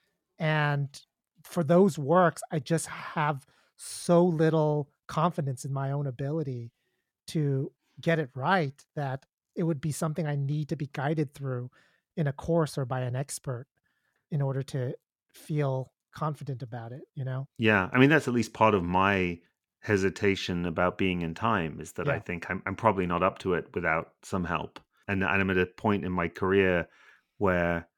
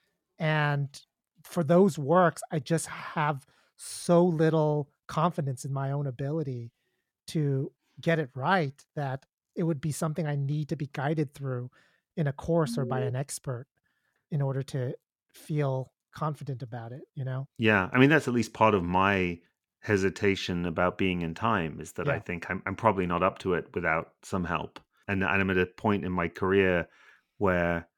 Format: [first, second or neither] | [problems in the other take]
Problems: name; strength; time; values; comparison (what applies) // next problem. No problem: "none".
first | alarm; noticeable; at 13 s; peak 6 dB below the speech